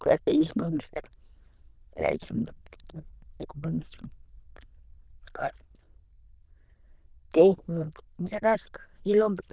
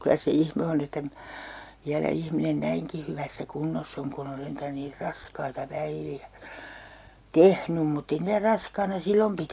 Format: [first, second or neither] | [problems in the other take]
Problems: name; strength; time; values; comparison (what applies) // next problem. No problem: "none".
second | noise reduction (neural diffusion model UNIVERSE++)